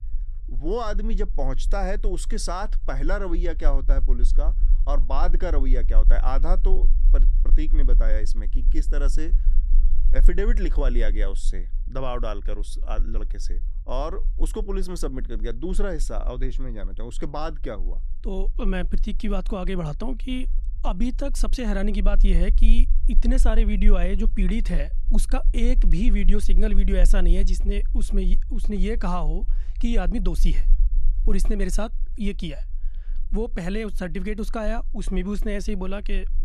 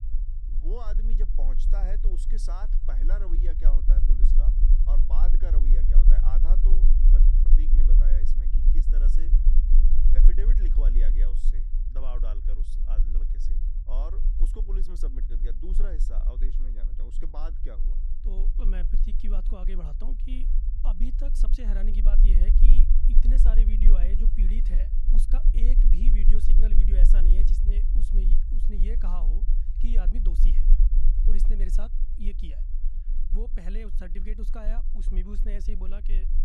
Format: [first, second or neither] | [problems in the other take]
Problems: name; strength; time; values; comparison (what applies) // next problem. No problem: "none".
first | low rumble; loud; throughout; 4 dB below the speech; faint in the first